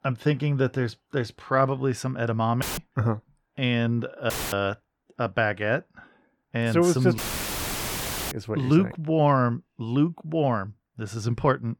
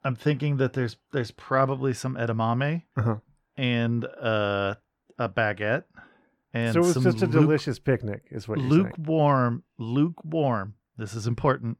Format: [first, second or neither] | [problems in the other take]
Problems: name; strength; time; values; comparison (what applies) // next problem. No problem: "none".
second | audio cutting out; filled with static; at 2.5 s, at 4.5 s and at 7 s for 1 s